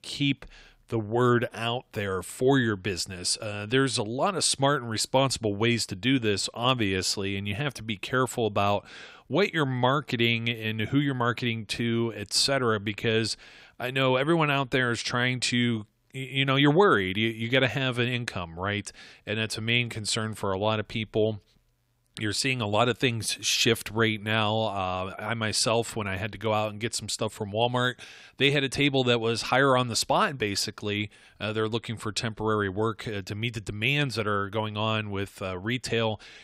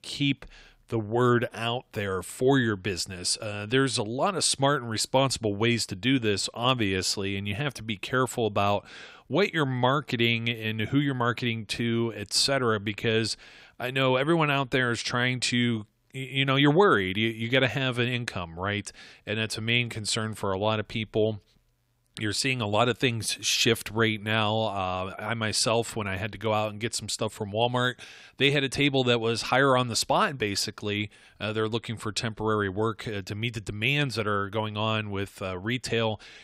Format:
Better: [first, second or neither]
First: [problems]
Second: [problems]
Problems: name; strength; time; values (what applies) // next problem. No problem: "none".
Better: neither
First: none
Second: none